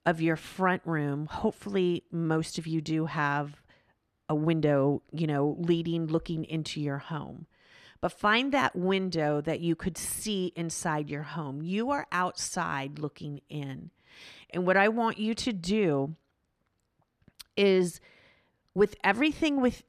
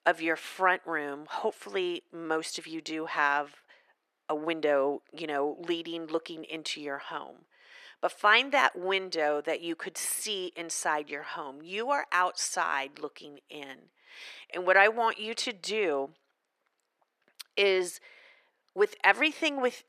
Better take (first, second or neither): first